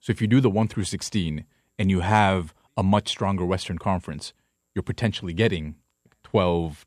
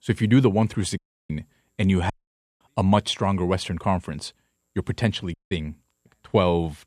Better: first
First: none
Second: audio cutting out; at 1 s, at 2 s for 0.5 s and at 5.5 s

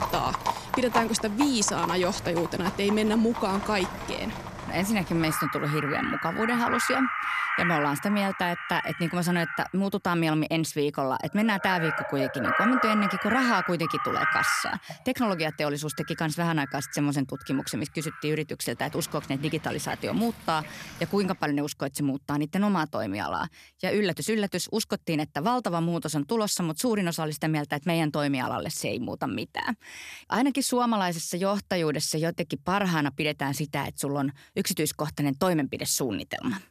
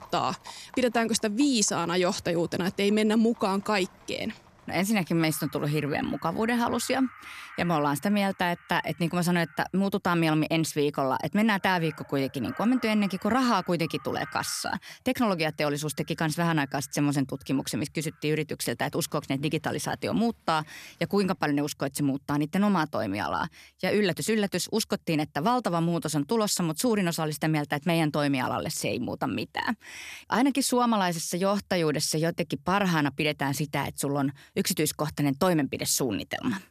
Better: second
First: animal sounds; loud; until 21 s; 3 dB below the speech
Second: animal sounds; faint; until 21 s; 20 dB below the speech

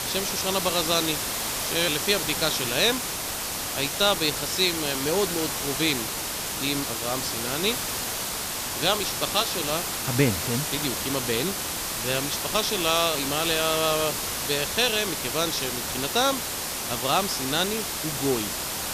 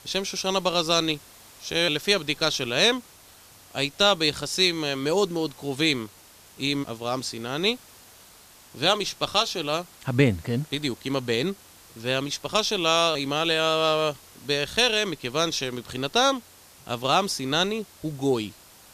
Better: second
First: hiss; loud; throughout; 1 dB below the speech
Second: hiss; faint; throughout; 25 dB below the speech

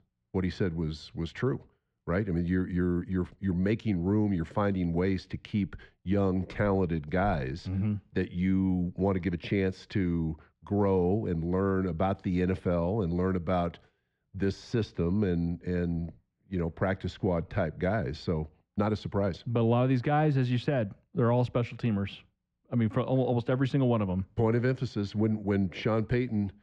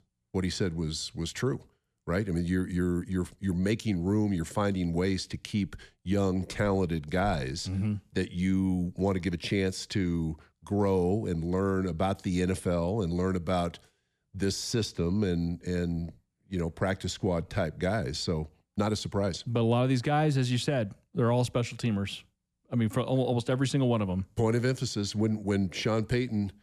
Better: second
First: muffled; slightly; fading above 2.5 kHz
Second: none

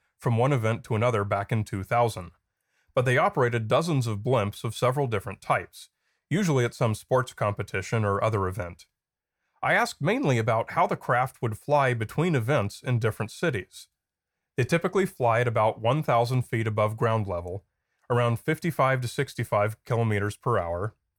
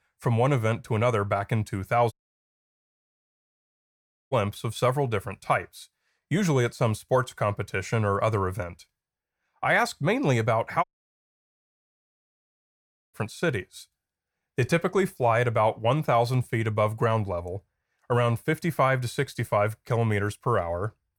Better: first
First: none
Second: audio cutting out; at 2 s for 2 s and at 11 s for 2.5 s

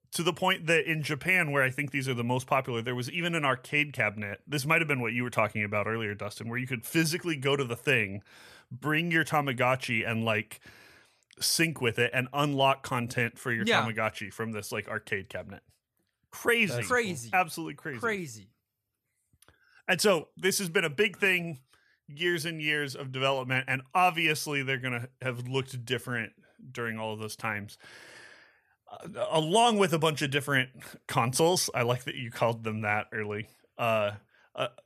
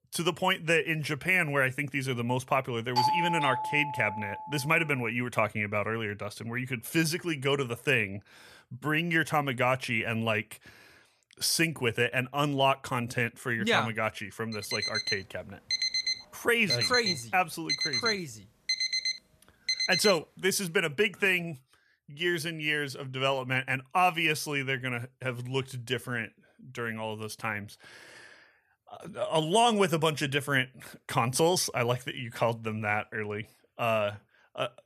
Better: first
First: none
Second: doorbell; loud; from 3 to 4.5 s; peak 2 dB above the speech // alarm; loud; from 15 to 20 s; peak 2 dB above the speech

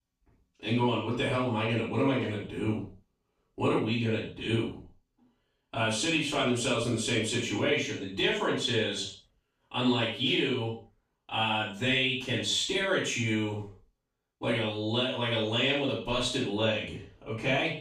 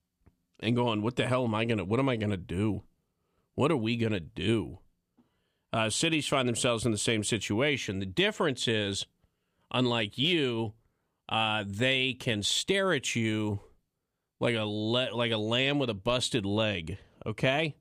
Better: second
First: room echo; noticeable; dies away in 0.4 s // off-mic speech; far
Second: none

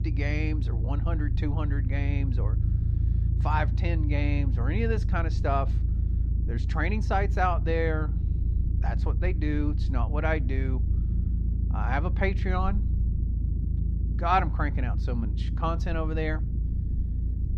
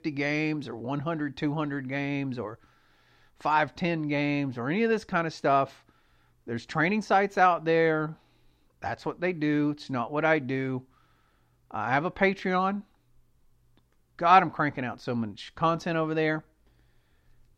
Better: second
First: low rumble; noticeable; throughout; 15 dB below the speech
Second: none

